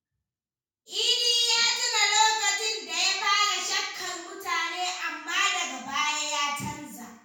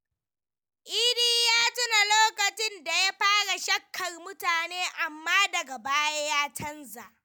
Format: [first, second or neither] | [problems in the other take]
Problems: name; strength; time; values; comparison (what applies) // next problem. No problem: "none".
second | room echo; dies away in 0.6 s